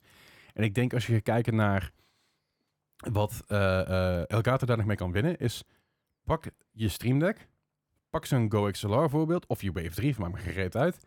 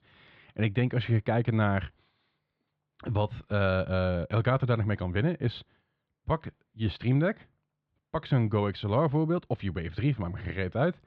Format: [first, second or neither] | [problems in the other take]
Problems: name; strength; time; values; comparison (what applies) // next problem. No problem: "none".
first | muffled; slightly; fading above 4 kHz